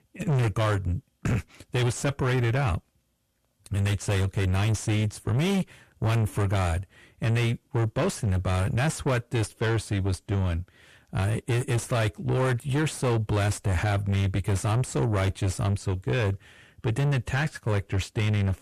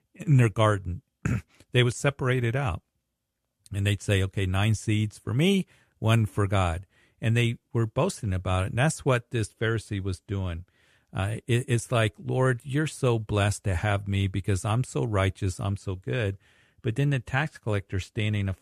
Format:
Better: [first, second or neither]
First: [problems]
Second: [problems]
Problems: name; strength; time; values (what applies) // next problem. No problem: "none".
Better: second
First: distortion; heavy; 6 dB below the speech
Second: none